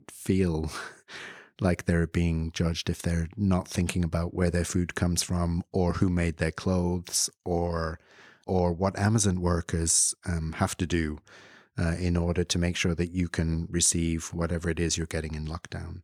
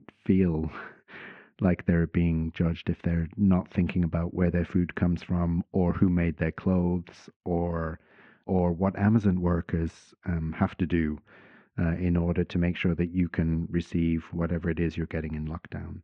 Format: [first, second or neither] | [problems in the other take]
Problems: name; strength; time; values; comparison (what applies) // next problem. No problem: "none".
first | muffled; very; fading above 2.5 kHz